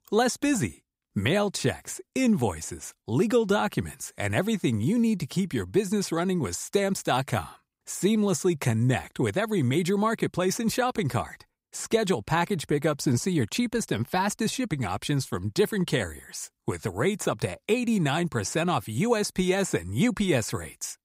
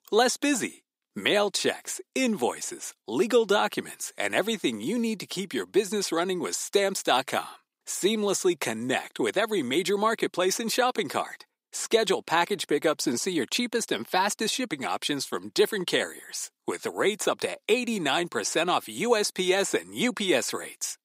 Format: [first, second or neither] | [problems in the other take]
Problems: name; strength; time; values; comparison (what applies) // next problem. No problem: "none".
first | thin; somewhat; fading below 300 Hz